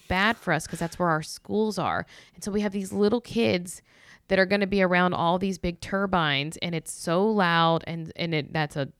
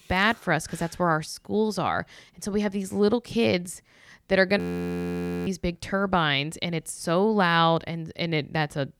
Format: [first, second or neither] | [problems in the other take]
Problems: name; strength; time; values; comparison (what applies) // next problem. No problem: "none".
first | audio freezing; at 4.5 s for 1 s